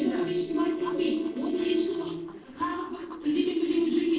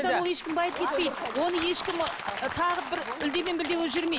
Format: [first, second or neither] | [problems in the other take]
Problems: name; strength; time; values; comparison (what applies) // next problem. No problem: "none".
second | noise reduction (neural separator model SepFormer DNS4)